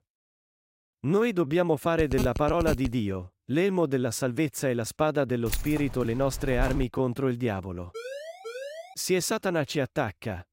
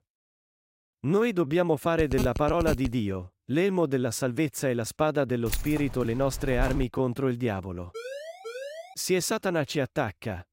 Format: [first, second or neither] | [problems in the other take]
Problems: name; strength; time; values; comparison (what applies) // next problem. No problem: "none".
neither | phone ringing; noticeable; at 2 s; peak 6 dB below the speech; the same in both // jangling keys; noticeable; from 5.5 to 7 s; peak 7 dB below the speech; the same in both // siren; faint; at 8 s; peak 10 dB below the speech; the same in both